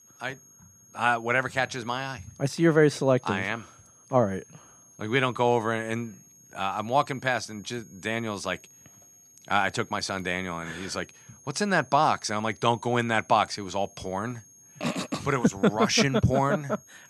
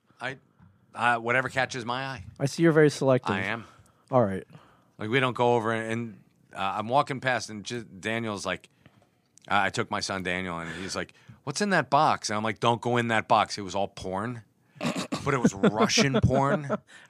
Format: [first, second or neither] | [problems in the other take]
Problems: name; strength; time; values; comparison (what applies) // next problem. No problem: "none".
second | high-pitched whine; faint; throughout; 6.5 kHz, 25 dB below the speech